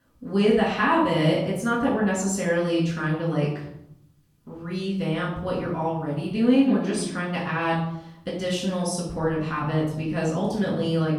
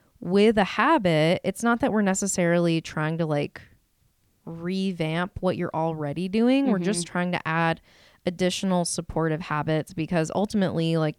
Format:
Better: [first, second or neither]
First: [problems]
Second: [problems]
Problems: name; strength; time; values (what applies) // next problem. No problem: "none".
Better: second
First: off-mic speech; far // room echo; noticeable; dies away in 0.7 s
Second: none